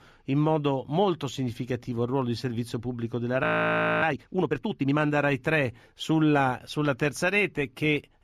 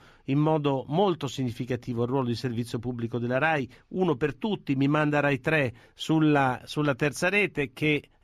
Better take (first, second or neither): second